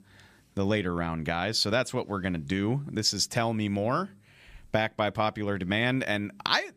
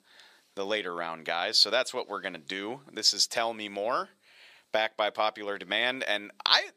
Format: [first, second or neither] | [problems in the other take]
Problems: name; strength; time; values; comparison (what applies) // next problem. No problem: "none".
first | thin; very; fading below 550 Hz